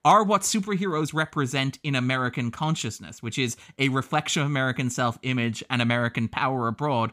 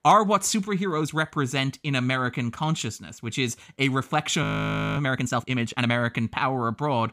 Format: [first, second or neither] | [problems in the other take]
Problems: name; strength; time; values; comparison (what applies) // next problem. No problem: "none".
first | audio freezing; at 4.5 s for 0.5 s